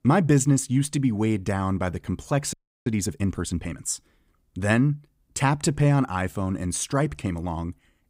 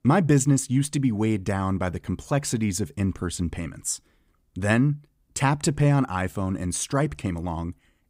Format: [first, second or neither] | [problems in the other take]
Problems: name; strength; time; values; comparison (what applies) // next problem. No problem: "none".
second | audio freezing; at 2.5 s